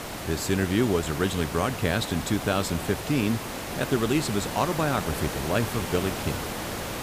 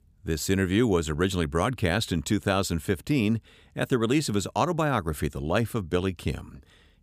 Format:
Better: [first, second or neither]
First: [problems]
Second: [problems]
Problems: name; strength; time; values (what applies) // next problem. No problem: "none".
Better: second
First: hiss; loud; throughout; 6 dB below the speech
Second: none